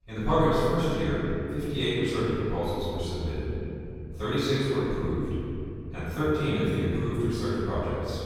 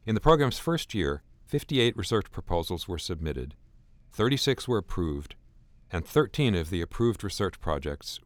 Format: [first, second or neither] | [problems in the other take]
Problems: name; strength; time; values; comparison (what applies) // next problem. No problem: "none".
second | off-mic speech; far // room echo; strong; dies away in 3 s